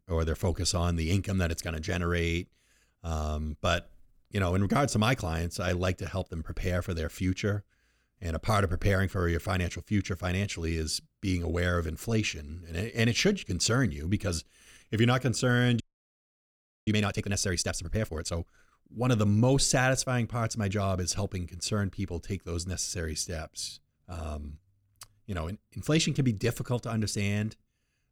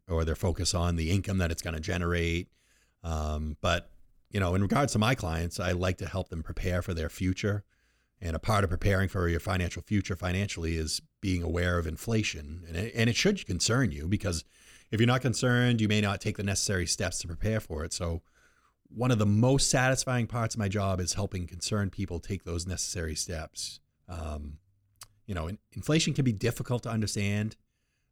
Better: second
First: audio freezing; at 16 s for 1 s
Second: none

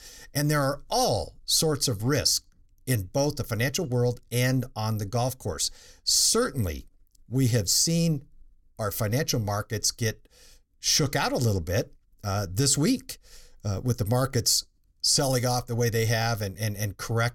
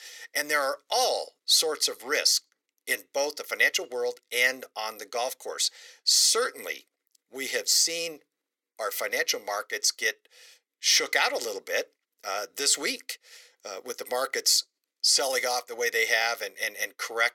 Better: first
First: none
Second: thin; very; fading below 400 Hz

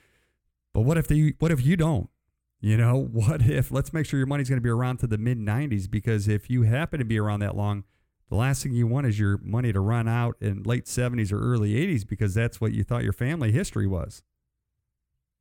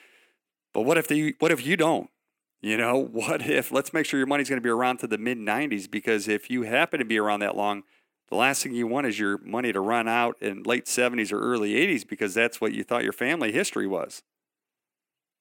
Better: first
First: none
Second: thin; very; fading below 250 Hz

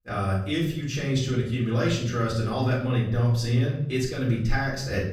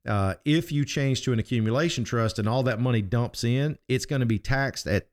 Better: second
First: off-mic speech; far // room echo; noticeable; dies away in 0.6 s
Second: none

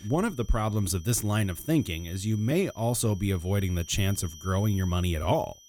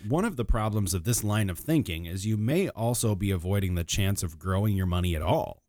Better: second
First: high-pitched whine; faint; throughout; 6 kHz, 20 dB below the speech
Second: none

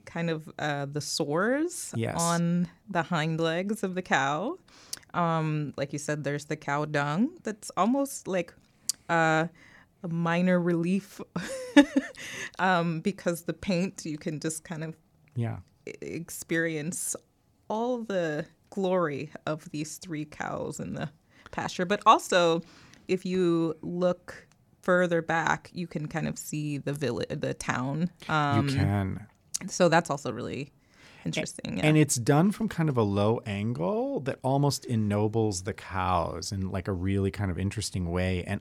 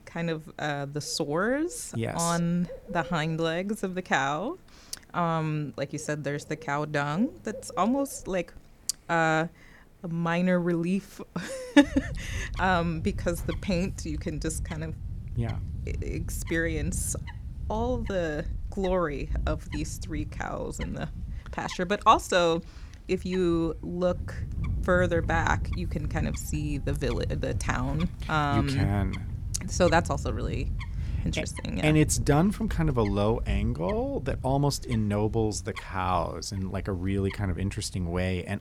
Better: first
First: none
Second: animal sounds; loud; throughout; 8 dB below the speech

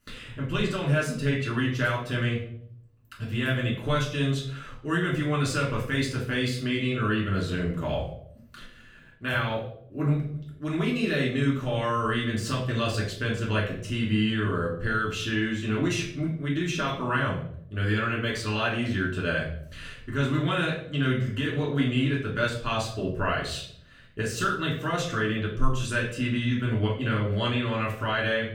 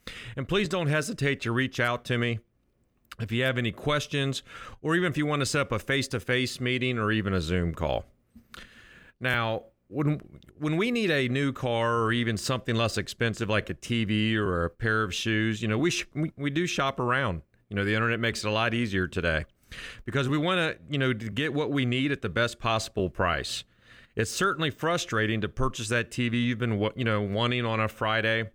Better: second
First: off-mic speech; far // room echo; slight; dies away in 0.5 s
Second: none

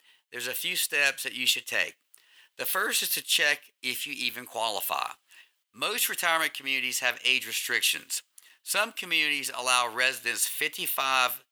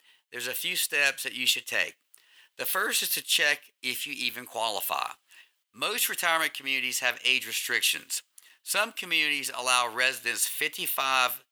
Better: neither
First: thin; very; fading below 850 Hz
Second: thin; very; fading below 850 Hz

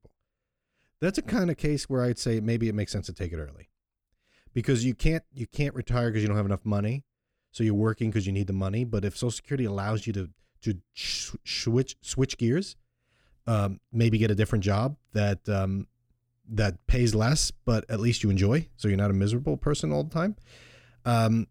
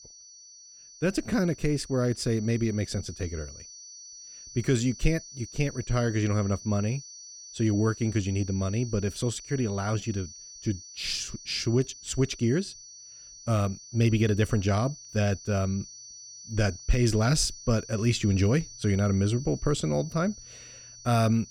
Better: first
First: none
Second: high-pitched whine; noticeable; throughout; 6 kHz, 15 dB below the speech

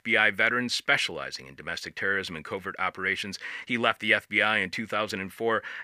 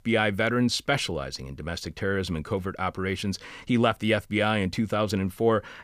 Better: second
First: thin; somewhat; fading below 750 Hz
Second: none

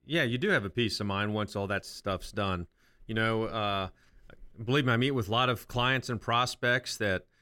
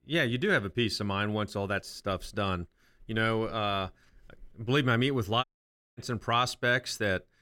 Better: first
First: none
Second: audio cutting out; at 5.5 s for 0.5 s

